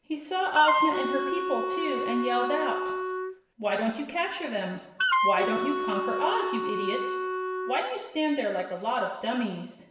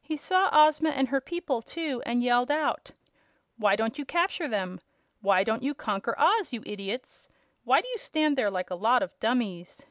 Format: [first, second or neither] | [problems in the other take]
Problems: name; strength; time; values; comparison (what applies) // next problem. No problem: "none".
second | background sound (Wind instrument, woodwind instrument); 1 dB above the speech // room echo; dies away in 0.9 s